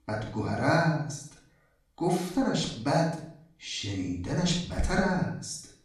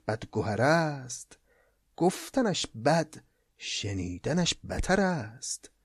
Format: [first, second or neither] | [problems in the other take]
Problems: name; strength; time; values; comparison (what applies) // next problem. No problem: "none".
second | off-mic speech; far // room echo; noticeable; dies away in 0.5 s